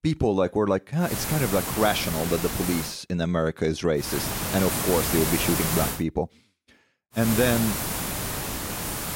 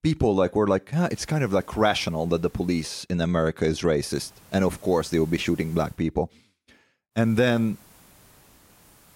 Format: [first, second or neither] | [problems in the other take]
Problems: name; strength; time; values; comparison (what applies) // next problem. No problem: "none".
second | hiss; loud; from 1 to 3 s, from 4 to 6 s and from 7 s on; 2 dB below the speech; faint in the second